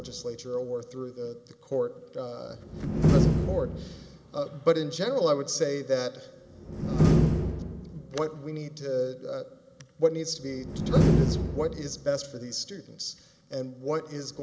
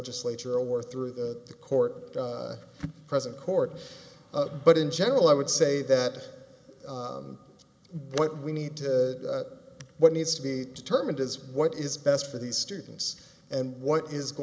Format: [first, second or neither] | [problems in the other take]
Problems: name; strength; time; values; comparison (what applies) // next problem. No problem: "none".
second | background sound (Slam); 2 dB above the speech